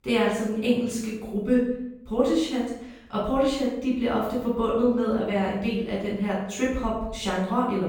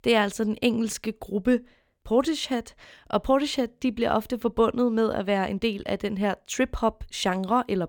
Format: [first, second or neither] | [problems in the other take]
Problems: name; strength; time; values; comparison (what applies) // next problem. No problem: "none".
second | off-mic speech; far // room echo; noticeable; dies away in 0.7 s